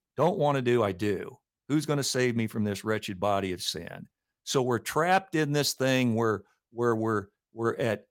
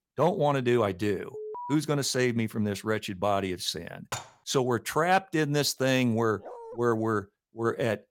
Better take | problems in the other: first | alarm; faint; at 1.5 s; peak 10 dB below the speech // clattering dishes; faint; at 4 s; peak 10 dB below the speech // dog barking; faint; at 6.5 s; peak 15 dB below the speech

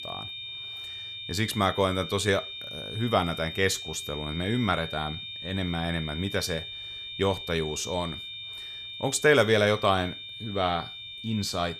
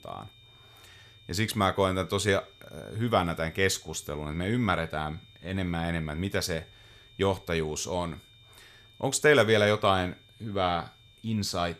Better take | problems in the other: second | high-pitched whine; loud; throughout; 3.5 kHz, 9 dB below the speech; faint in the second

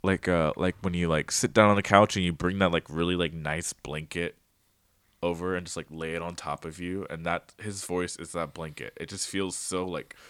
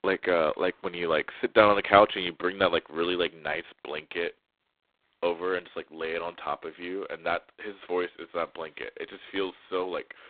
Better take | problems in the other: first | phone-call audio; poor line

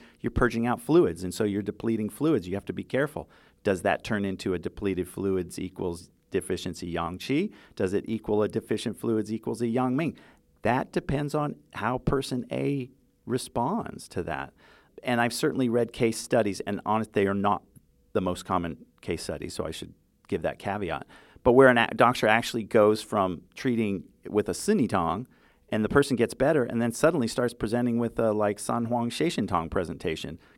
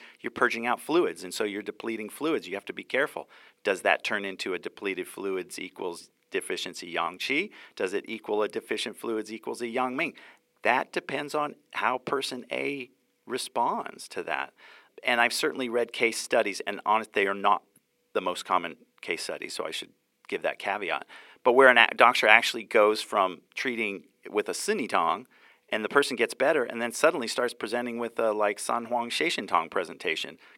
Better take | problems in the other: first | thin; somewhat; fading below 400 Hz

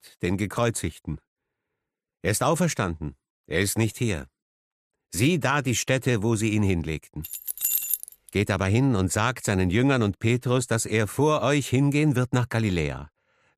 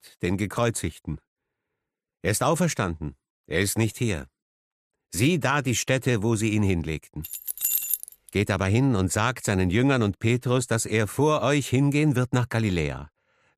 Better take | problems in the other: neither | jangling keys; loud; at 7 s; peak 2 dB above the speech; the same in both

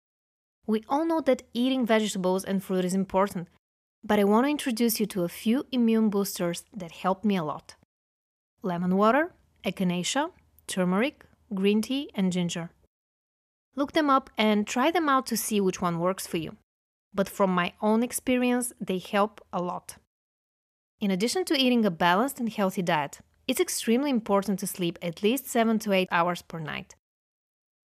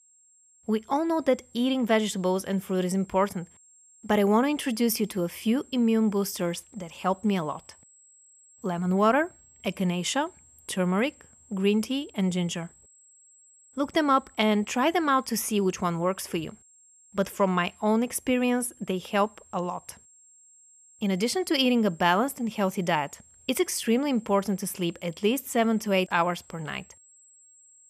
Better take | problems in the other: first | high-pitched whine; faint; throughout; 7.5 kHz, 25 dB below the speech

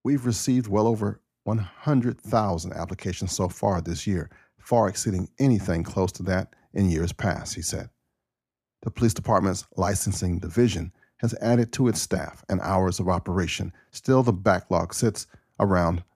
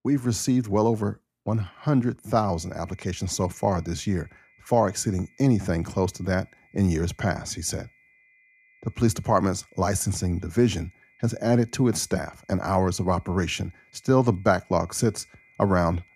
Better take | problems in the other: first | high-pitched whine; faint; from 2.5 s on; 2 kHz, 30 dB below the speech

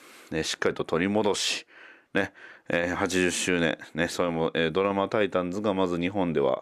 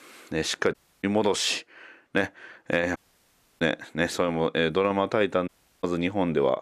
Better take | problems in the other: first | audio cutting out; at 0.5 s, at 3 s for 0.5 s and at 5.5 s

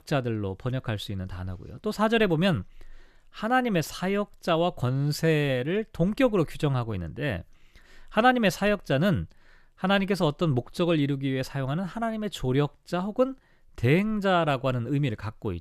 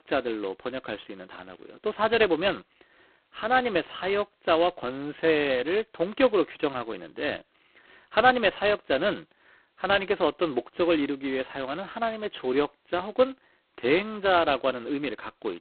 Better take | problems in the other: first | phone-call audio; poor line; nothing above 4 kHz

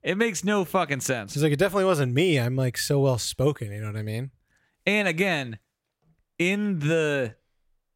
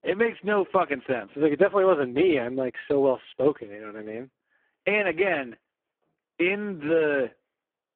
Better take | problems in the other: first | phone-call audio; poor line

